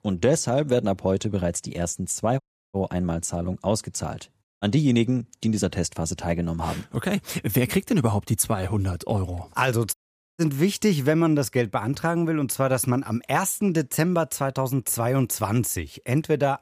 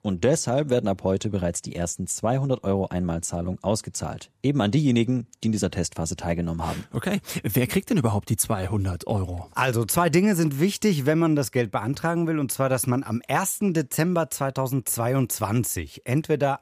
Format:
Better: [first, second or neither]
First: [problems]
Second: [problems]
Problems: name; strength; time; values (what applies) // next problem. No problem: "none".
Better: second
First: audio cutting out; at 2.5 s, at 4.5 s and at 10 s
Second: none